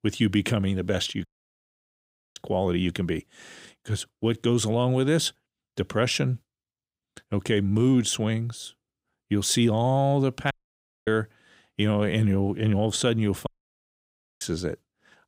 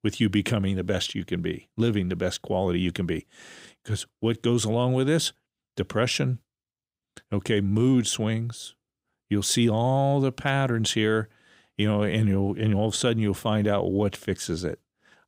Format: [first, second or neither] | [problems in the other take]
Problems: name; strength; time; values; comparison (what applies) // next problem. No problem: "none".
second | audio cutting out; at 1.5 s for 1 s, at 11 s for 0.5 s and at 13 s for 1 s